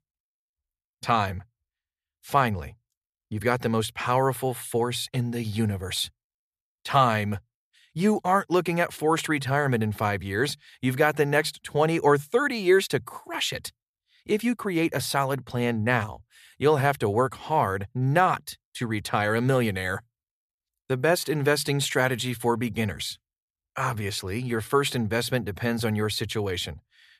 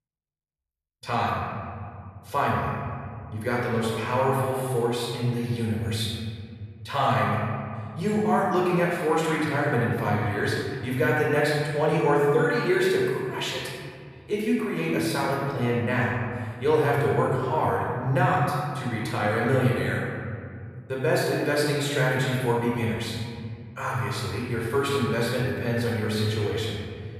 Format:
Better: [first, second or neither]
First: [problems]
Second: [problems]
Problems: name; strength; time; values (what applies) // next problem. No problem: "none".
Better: first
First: none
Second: room echo; strong; dies away in 2.2 s // off-mic speech; far